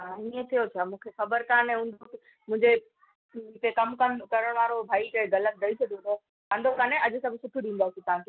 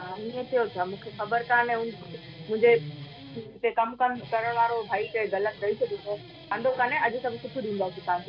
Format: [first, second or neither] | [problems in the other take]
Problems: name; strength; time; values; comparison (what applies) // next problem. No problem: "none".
first | background sound (Guitar); 16 dB below the speech // room echo; dies away in 0.3 s